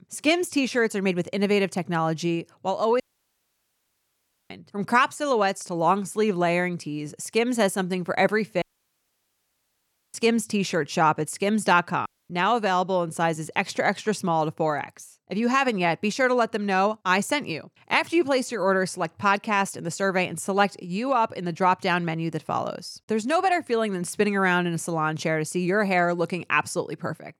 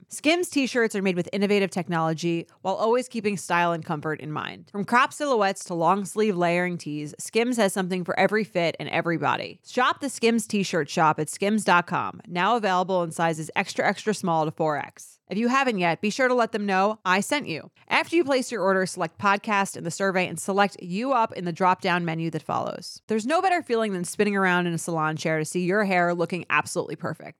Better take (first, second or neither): second